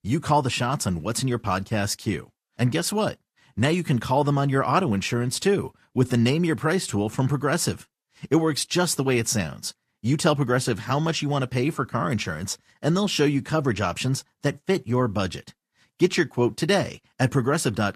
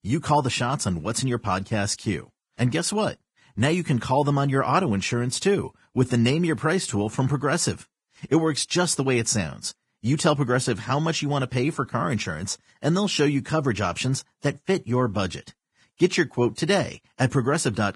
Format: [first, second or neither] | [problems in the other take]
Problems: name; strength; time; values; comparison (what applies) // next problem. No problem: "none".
first | garbled, watery; badly; nothing above 10 kHz; slightly in the first